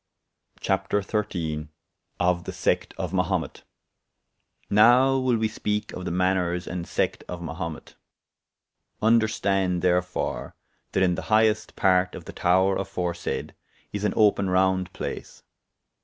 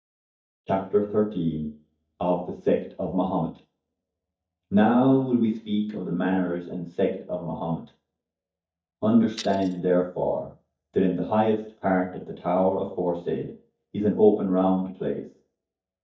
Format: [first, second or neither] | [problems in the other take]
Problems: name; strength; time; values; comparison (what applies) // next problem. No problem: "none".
first | noise reduction (neural mask model DeepFilterNet 3)